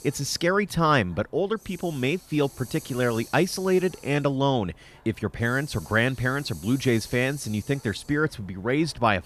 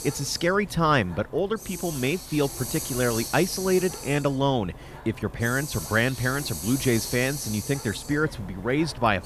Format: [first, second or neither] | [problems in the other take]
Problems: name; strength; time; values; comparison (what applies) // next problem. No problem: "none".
first | hiss; loud; throughout; 9 dB below the speech; faint in the first